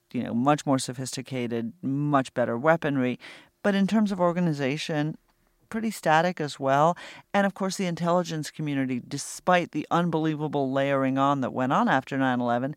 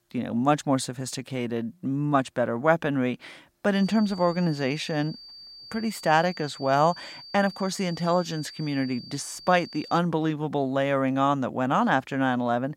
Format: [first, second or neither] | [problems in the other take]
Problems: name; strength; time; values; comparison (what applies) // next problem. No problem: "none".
first | high-pitched whine; noticeable; from 4 to 10 s; 4.5 kHz, 15 dB below the speech